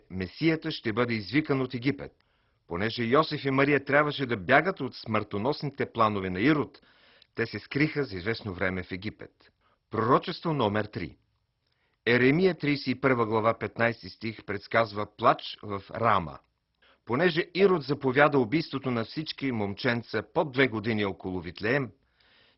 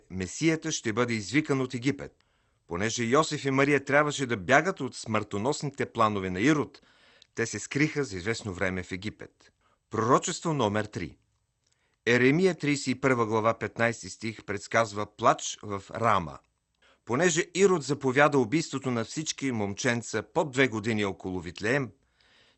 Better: second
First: garbled, watery; badly; nothing above 5.5 kHz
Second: garbled, watery; slightly; nothing above 8 kHz

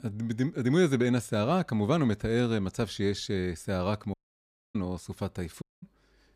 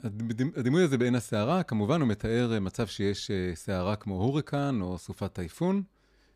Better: second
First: audio cutting out; at 4 s for 0.5 s and at 5.5 s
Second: none

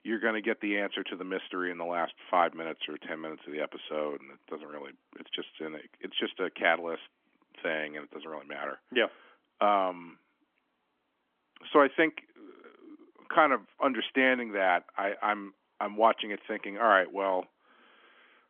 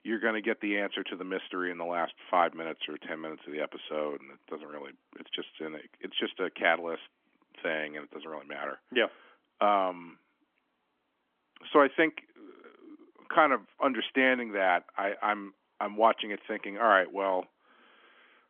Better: neither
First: phone-call audio; nothing above 3.5 kHz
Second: phone-call audio; nothing above 3.5 kHz

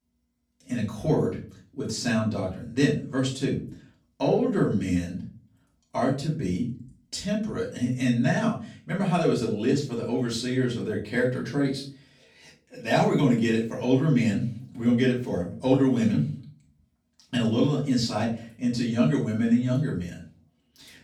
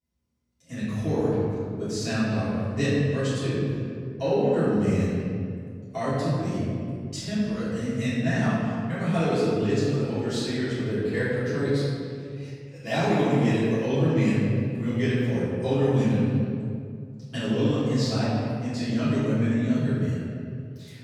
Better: first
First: room echo; slight; dies away in 0.3 s // off-mic speech; far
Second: room echo; strong; dies away in 2.4 s // off-mic speech; far

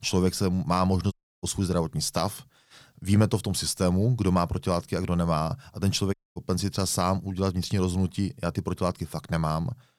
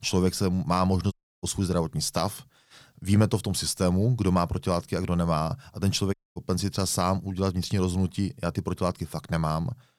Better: neither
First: audio cutting out; at 1 s and at 6 s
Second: audio cutting out; at 1 s and at 6 s

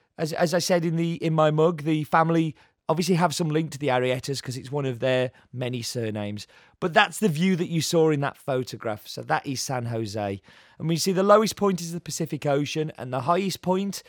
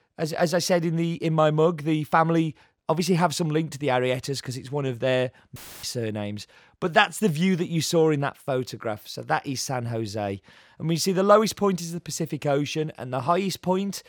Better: first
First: none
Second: audio cutting out; filled with static; at 5.5 s

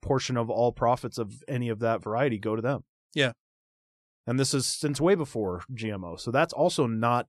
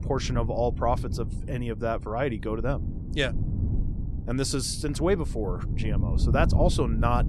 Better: first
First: none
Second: wind noise on the microphone; occasional gusts; 15 dB below the speech

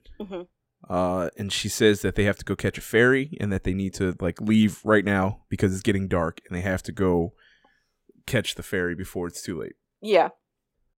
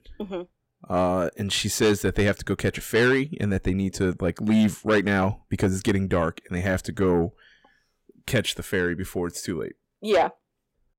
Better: first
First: none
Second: distortion; slight; 10 dB below the speech

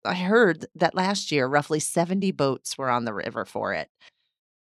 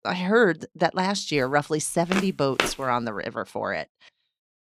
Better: first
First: none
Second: footsteps; noticeable; at 2 s; peak 1 dB below the speech

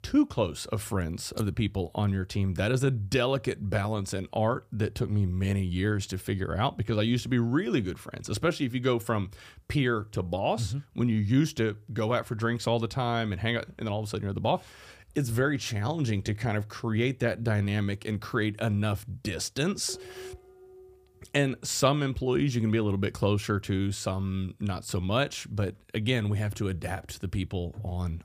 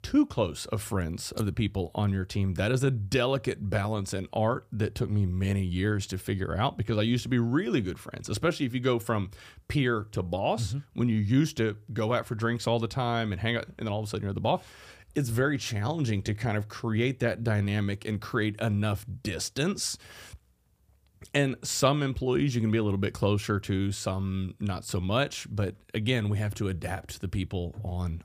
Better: second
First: clattering dishes; faint; from 20 to 21 s; peak 15 dB below the speech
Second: none

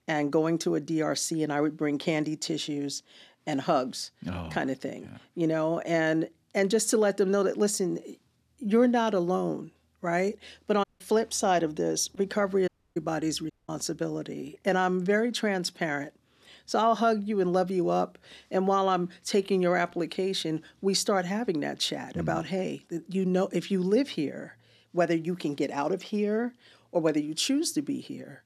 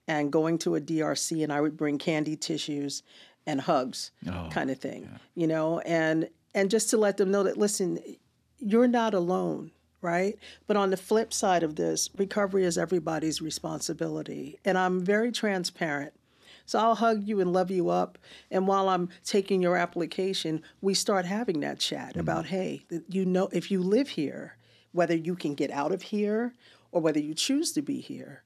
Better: second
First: audio cutting out; at 11 s, at 13 s and at 14 s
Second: none

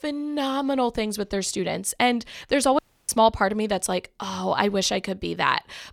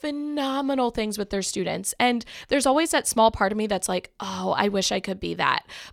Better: second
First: audio cutting out; at 3 s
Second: none

